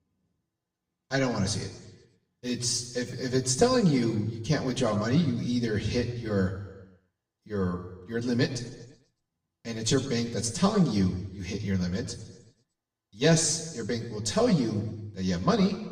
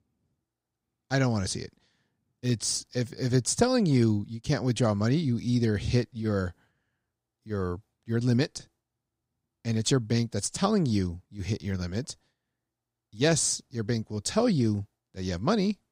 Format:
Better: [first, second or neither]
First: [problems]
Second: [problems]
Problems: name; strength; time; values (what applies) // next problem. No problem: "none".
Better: second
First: room echo; slight; dies away in 0.9 s // off-mic speech; somewhat distant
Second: none